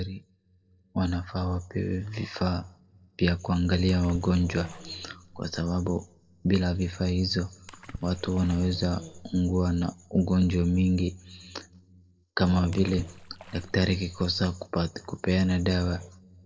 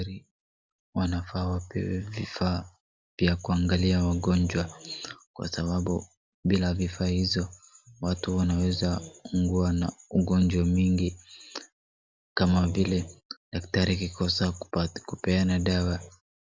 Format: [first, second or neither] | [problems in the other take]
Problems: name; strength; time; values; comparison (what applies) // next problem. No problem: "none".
second | noise reduction (neural separator model SepFormer DNS4)